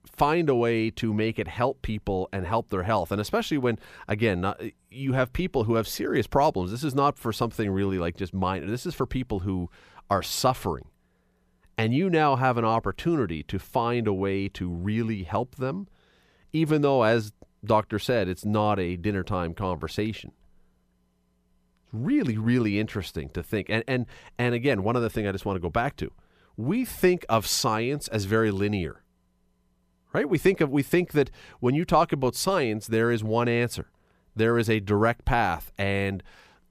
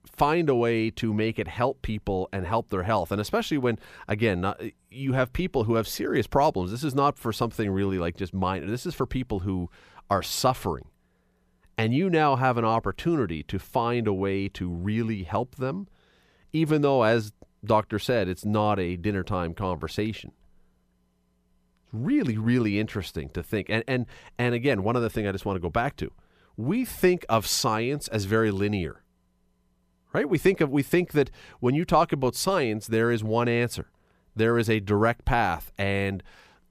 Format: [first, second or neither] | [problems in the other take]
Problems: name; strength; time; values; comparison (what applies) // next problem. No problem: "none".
neither | none